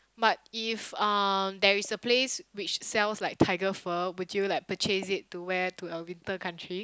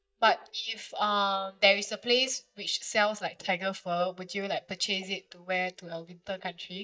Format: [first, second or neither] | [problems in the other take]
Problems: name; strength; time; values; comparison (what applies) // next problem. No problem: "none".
first | noise reduction (neural mask model DeepFilterNet 3)